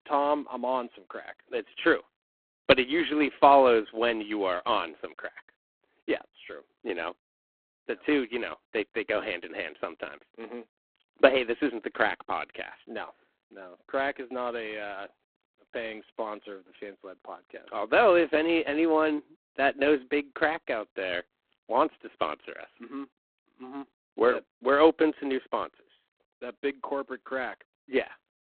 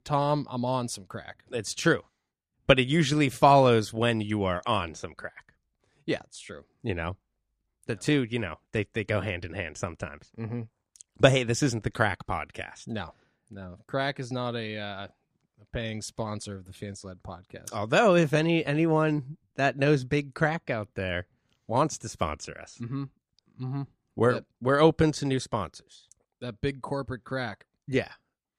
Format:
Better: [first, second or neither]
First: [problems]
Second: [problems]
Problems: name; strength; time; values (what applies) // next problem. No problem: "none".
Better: second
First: phone-call audio; poor line; nothing above 3.5 kHz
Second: none